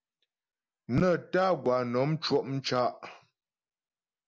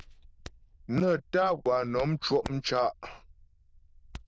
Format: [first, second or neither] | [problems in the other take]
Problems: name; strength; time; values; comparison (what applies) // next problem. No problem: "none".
first | noise reduction (neural diffusion model UNIVERSE++)